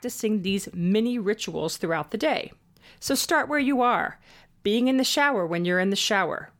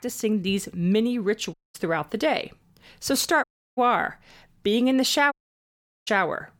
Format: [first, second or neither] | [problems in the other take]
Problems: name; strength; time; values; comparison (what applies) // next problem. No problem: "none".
first | audio cutting out; at 1.5 s, at 3.5 s and at 5.5 s for 0.5 s